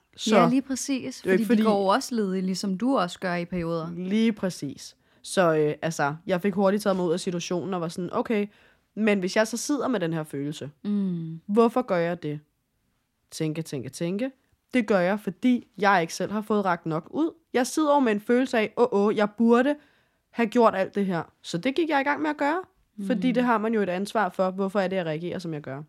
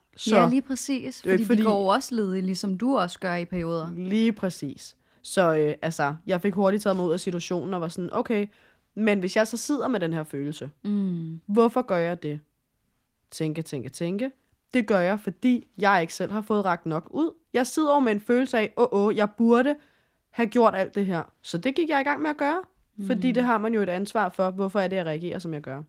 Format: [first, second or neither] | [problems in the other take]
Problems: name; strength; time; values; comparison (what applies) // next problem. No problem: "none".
first | garbled, watery; slightly; nothing above 16 kHz